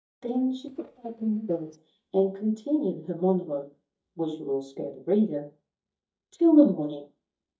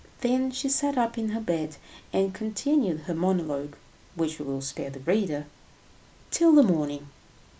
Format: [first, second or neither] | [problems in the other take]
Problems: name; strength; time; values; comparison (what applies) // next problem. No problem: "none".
second | noise reduction (neural mask model DeepFilterNet 3)